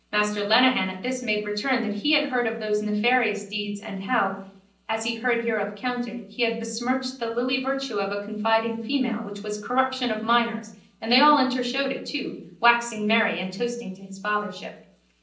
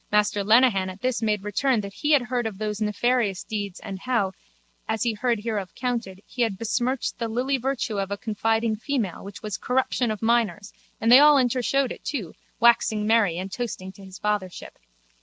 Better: second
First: room echo; dies away in 0.6 s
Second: none

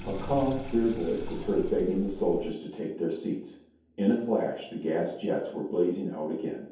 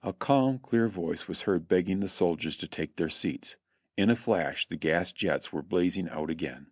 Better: second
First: background sound (Sink (filling or washing)); 13 dB below the speech // room echo; dies away in 0.7 s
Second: none

